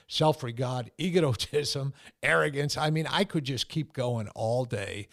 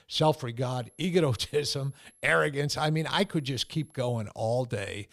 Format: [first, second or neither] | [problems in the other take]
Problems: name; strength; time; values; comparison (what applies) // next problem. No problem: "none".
first | high-pitched whine; faint; from 0.5 to 2.5 s and at 3 s; 11 kHz, 30 dB below the speech